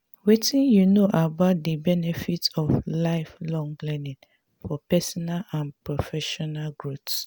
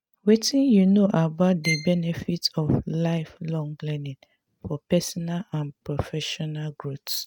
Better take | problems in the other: first | noise reduction (neural mask model RNNoise)

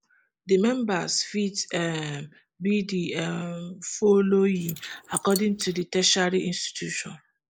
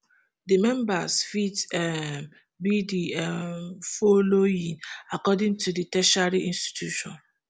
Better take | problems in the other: second | noise reduction (neural mask model Resemble Enhance denoiser)

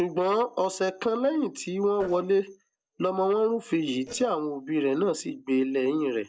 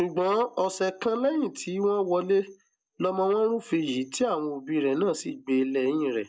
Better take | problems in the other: second | noise reduction (neural separator model SepFormer DNS4)

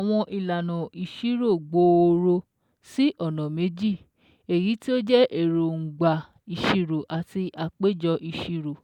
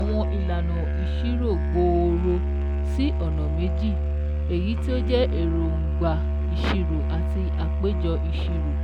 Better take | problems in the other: first | background sound (Musical instrument); 5 dB above the speech

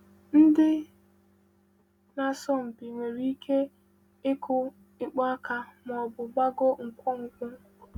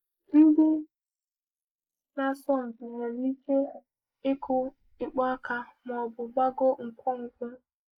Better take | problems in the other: first | noise reduction (neural mask model Resemble Enhance denoiser)

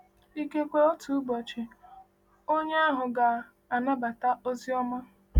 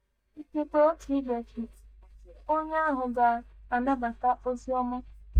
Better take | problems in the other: first | noise reduction (neural mask model DeepFilterNet 3)

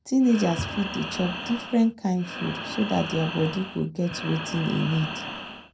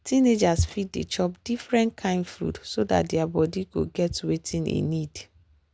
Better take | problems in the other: second | background sound (Breathing); 9 dB below the speech // room echo; dies away in 0.2 s

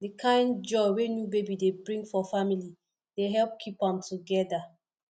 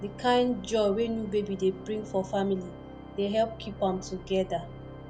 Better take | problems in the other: first | background sound (Organ); 14 dB below the speech

